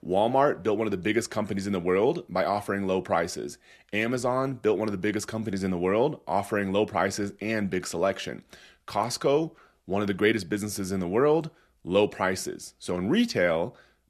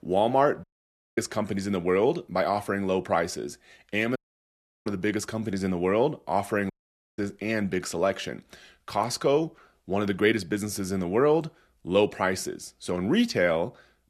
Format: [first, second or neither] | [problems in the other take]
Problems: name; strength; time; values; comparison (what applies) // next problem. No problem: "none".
first | audio cutting out; at 0.5 s for 0.5 s, at 4 s for 0.5 s and at 6.5 s